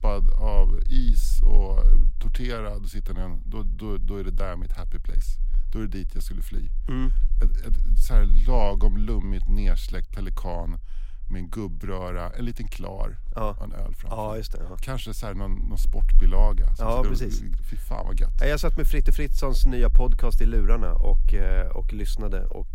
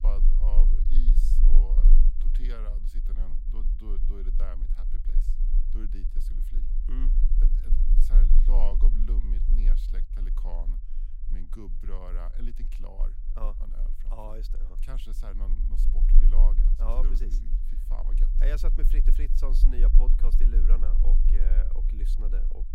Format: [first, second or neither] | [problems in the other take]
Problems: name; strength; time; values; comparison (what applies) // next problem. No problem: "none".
first | low rumble; loud; throughout; 6 dB below the speech; faint in the first